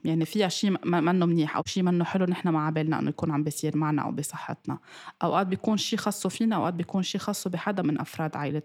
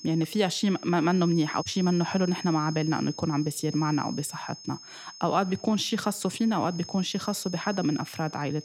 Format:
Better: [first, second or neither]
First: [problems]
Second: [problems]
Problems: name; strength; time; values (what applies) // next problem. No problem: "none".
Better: first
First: none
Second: high-pitched whine; noticeable; throughout; 5 kHz, 15 dB below the speech